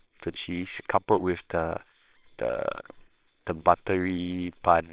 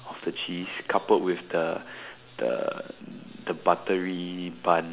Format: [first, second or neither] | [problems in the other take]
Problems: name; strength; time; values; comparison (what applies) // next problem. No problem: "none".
second | noise reduction (neural separator model SepFormer WHAMR!)